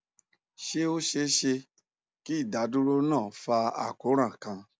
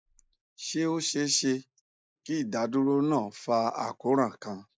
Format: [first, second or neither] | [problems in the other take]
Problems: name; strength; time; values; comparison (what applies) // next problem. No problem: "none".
first | noise reduction (neural mask model Resemble Enhance denoiser)